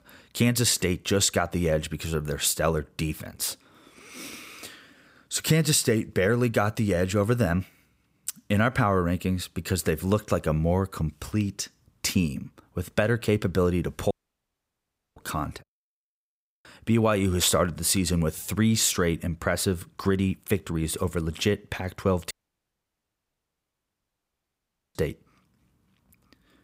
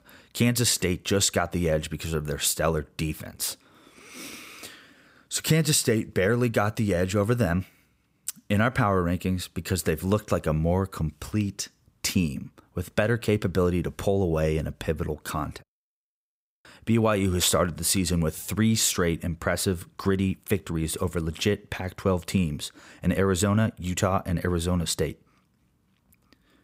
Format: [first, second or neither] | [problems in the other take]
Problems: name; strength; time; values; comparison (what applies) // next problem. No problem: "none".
second | audio cutting out; at 14 s for 1 s and at 22 s for 2.5 s